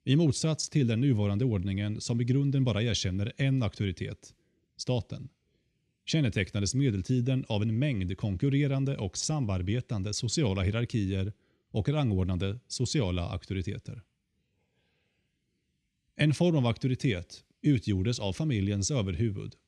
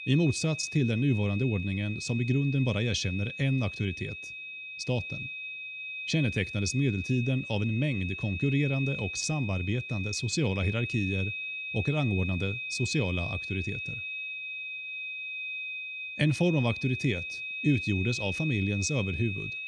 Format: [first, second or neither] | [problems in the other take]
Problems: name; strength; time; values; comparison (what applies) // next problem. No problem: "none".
first | high-pitched whine; loud; throughout; 2.5 kHz, 6 dB below the speech